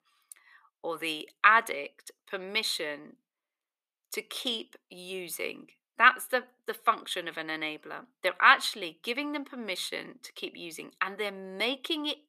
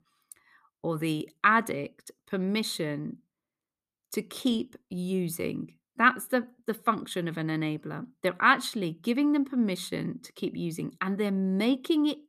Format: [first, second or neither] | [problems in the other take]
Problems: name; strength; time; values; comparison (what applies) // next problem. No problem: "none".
second | thin; very; fading below 600 Hz